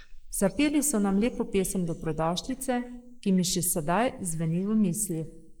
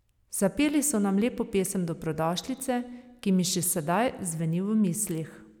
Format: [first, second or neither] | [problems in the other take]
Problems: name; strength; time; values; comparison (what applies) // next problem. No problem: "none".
second | noise reduction (neural mask model Resemble Enhance denoiser)